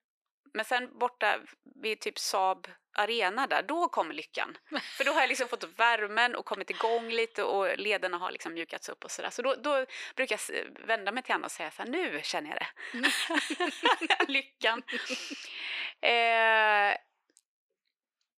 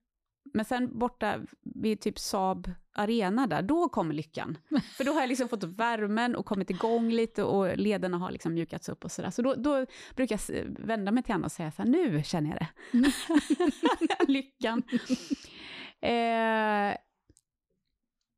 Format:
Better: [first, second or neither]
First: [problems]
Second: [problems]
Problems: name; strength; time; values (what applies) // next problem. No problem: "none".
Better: second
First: thin; very; fading below 450 Hz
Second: none